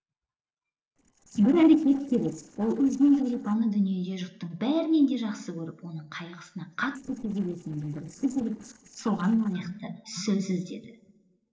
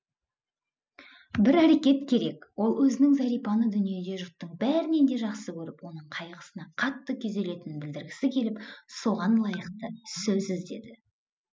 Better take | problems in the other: second | noise reduction (neural separator model SepFormer DNS4)

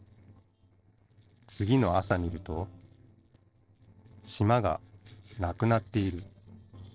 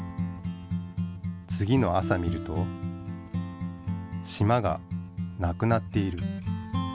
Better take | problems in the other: second | noise reduction (neural separator model SepFormer DNS4)

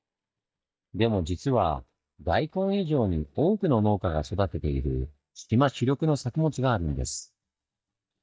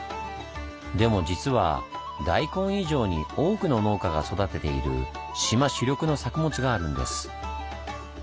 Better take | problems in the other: second | noise reduction (neural mask model DeepFilterNet 3)

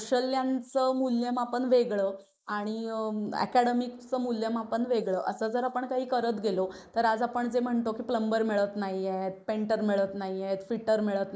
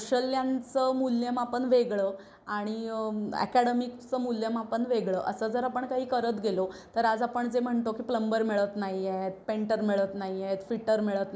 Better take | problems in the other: second | noise reduction (neural mask model Resemble Enhance denoiser)

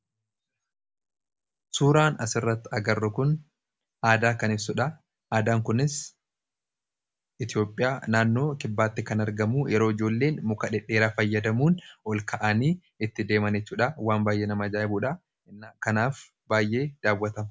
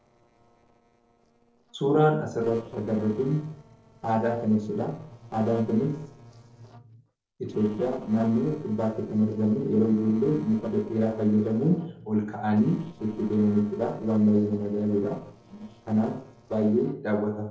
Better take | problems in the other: first | noise reduction (neural separator model SepFormer DNS4)

